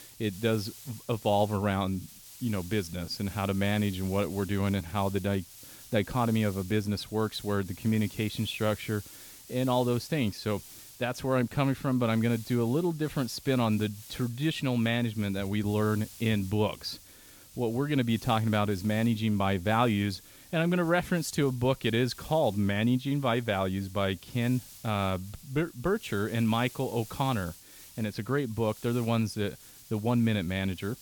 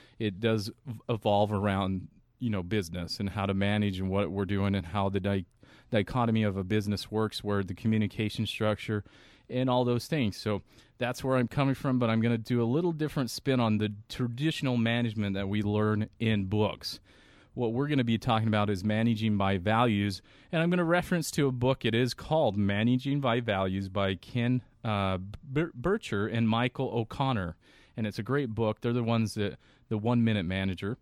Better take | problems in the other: second | hiss; noticeable; throughout; 20 dB below the speech

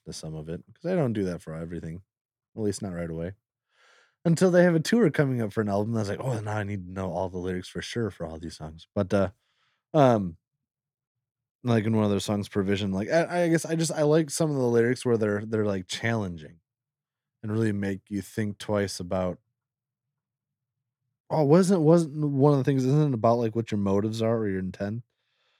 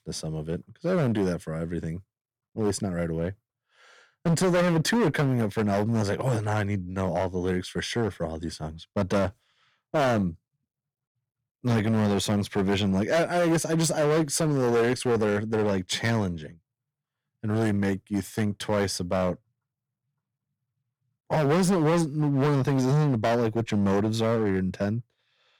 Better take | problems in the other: first | distortion; heavy; 11% of the sound clipped

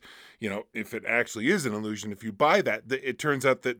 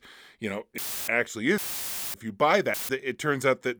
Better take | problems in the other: first | audio cutting out; filled with static; at 1 s, at 1.5 s for 0.5 s and at 2.5 s

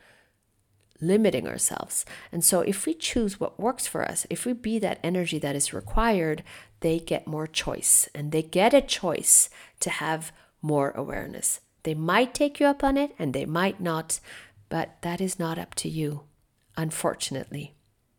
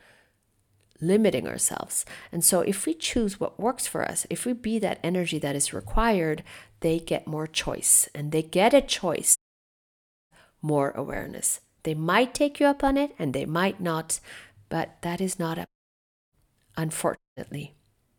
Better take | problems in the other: first | audio cutting out; at 9.5 s for 1 s, at 16 s for 0.5 s and at 17 s

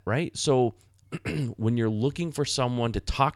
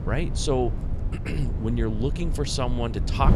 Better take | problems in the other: first | wind noise on the microphone; occasional gusts; 10 dB below the speech

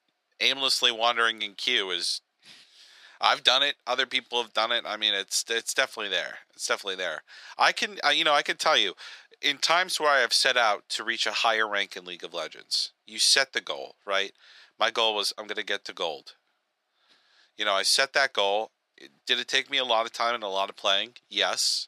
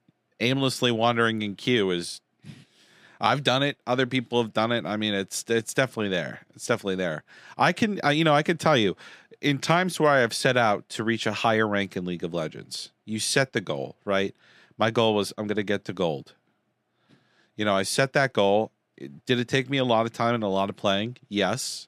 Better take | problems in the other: second | thin; very; fading below 700 Hz

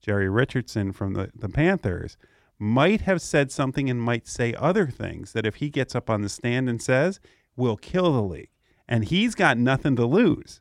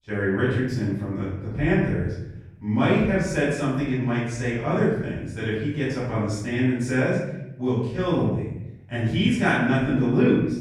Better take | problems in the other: first | room echo; noticeable; dies away in 0.9 s // off-mic speech; far

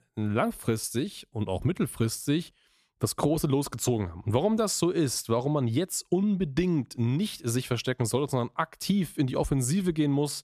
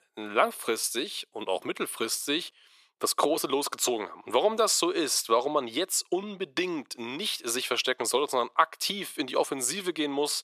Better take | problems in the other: first | thin; very; fading below 400 Hz

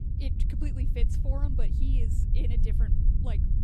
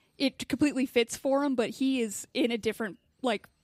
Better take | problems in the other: second | low rumble; loud; throughout; 1 dB below the speech

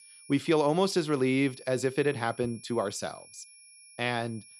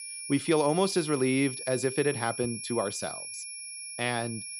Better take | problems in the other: first | high-pitched whine; loud; throughout; 10.5 kHz, 8 dB below the speech; faint in the first

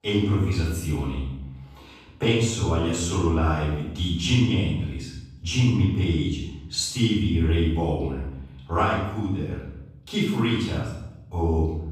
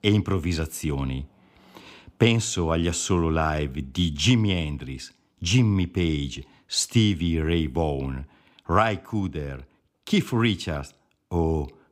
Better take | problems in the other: second | off-mic speech; far // room echo; noticeable; dies away in 0.8 s

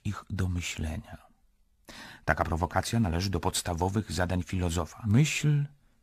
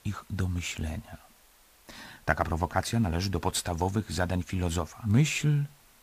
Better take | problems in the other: first | hiss; faint; throughout; 30 dB below the speech

